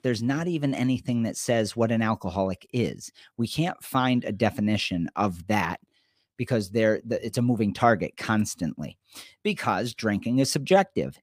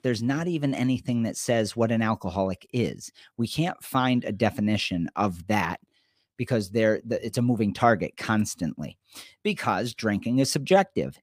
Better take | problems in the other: neither | none

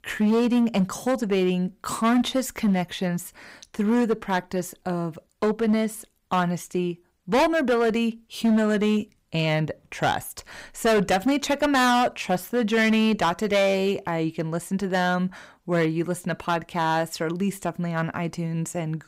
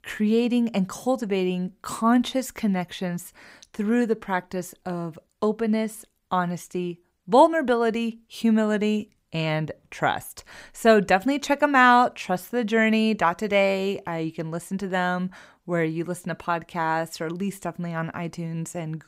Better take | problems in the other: second | distortion; heavy; 8% of the sound clipped

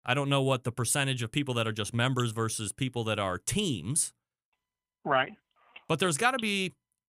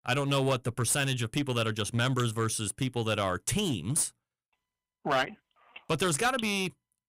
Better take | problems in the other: first | distortion; slight; 6% of the sound clipped

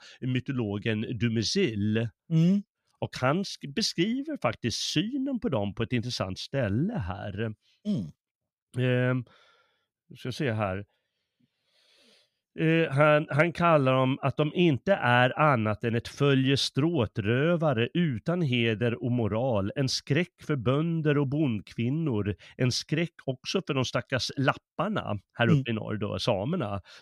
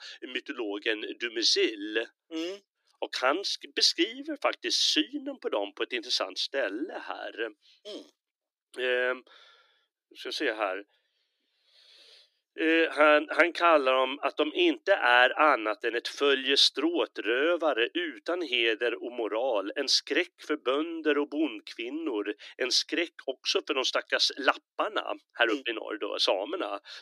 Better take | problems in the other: first | thin; very; fading below 300 Hz

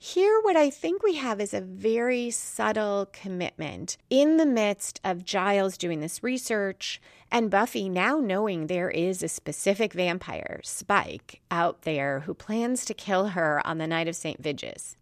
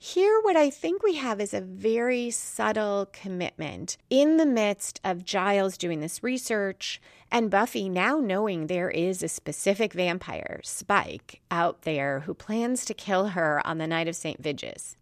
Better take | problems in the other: neither | none

